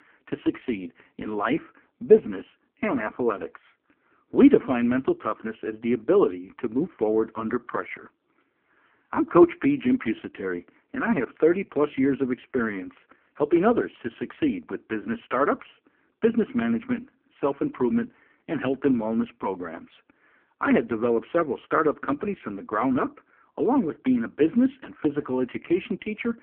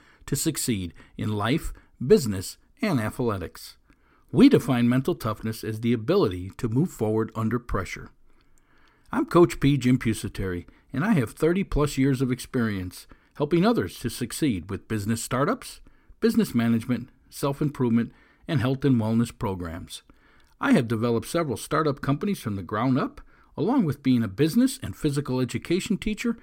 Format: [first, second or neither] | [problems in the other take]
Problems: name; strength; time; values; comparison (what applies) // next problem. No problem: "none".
second | phone-call audio; poor line